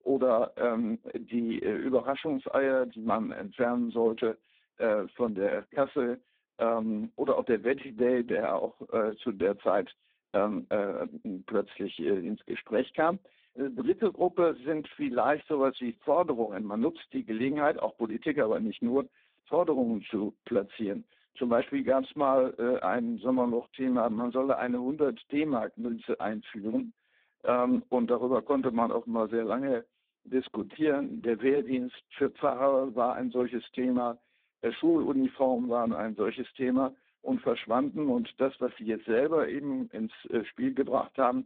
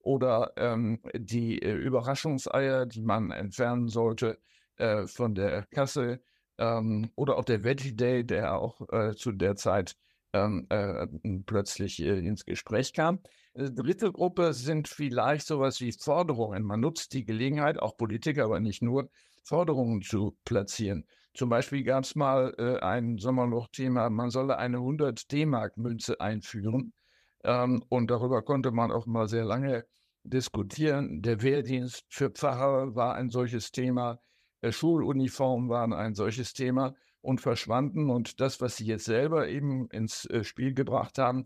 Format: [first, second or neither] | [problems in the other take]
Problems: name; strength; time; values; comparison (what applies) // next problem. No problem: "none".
second | phone-call audio; poor line; nothing above 3.5 kHz